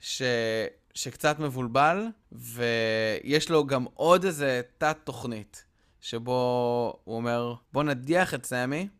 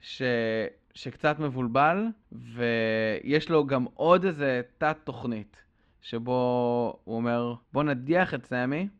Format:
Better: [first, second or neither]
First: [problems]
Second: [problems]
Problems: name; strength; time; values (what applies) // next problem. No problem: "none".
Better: first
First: none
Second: muffled; slightly; fading above 3.5 kHz